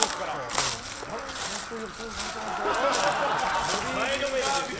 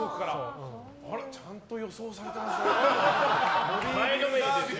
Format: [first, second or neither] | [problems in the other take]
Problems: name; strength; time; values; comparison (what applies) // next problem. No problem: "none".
second | background sound (Crow); 4 dB below the speech